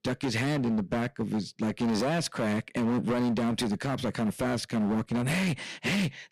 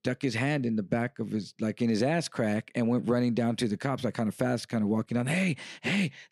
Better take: second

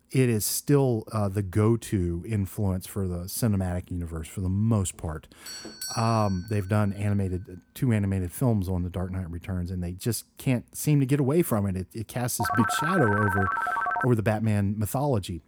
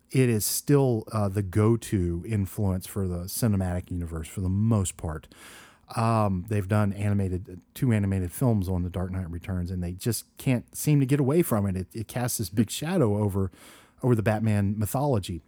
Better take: second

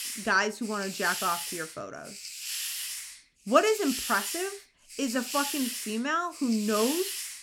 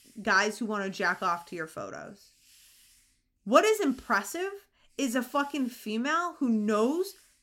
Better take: second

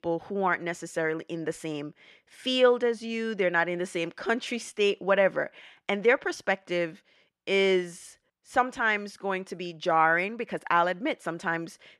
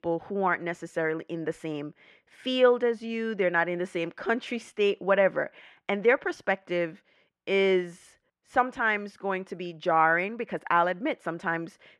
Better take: first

